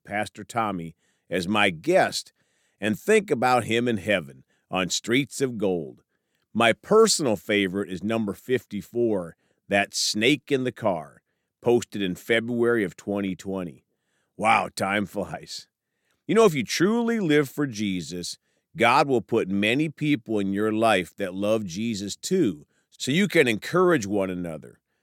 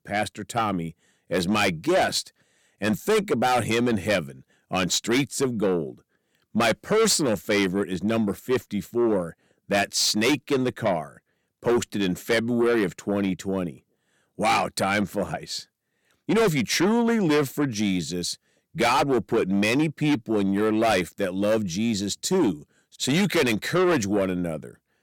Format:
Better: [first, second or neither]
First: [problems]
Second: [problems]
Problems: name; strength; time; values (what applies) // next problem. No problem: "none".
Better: first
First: none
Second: distortion; heavy; 7 dB below the speech